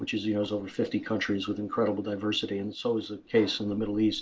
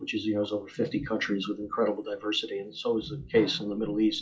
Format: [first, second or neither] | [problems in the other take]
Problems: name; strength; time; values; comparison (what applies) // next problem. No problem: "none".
first | noise reduction (classical method log-MMSE)